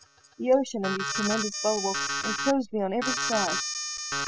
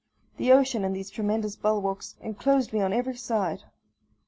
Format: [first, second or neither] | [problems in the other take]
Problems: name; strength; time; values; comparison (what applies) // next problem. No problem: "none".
second | noise reduction (classical method spectral subtraction)